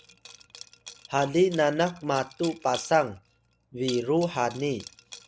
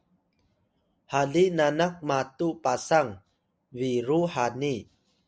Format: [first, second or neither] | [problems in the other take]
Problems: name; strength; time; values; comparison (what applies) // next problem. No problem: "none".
second | background sound (Liquid); 18 dB below the speech